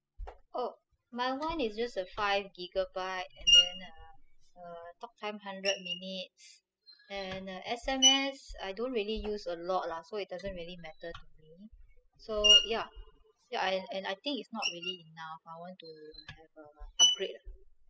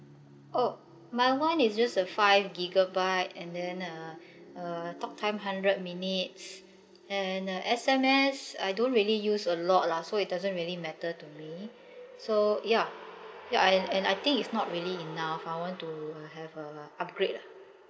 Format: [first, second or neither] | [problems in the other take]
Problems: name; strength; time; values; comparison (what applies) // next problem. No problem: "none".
second | noise reduction (classical method spectral subtraction)